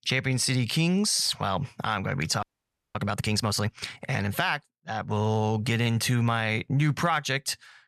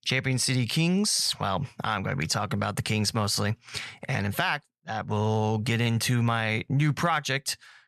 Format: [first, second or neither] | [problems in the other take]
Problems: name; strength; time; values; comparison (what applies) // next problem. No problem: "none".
second | audio freezing; at 2.5 s for 0.5 s